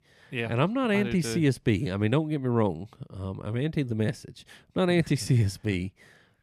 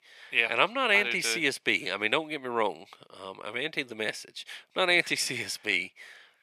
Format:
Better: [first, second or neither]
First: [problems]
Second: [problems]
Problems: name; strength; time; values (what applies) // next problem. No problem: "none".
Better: first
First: none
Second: thin; very; fading below 650 Hz